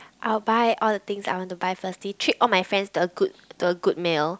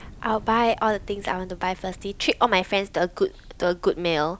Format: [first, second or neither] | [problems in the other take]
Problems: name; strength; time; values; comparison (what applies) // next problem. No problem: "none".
first | background sound (Thunder / Explosion); 19 dB below the speech